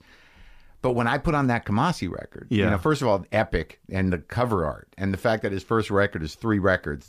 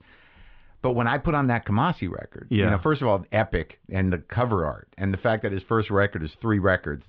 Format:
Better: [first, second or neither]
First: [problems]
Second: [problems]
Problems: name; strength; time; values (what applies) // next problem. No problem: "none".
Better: first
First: none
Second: muffled; very; fading above 3.5 kHz